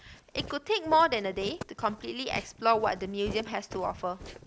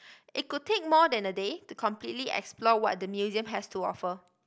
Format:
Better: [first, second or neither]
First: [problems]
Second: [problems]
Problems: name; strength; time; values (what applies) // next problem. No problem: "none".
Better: second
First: background sound (Walk, footsteps); 14 dB below the speech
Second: none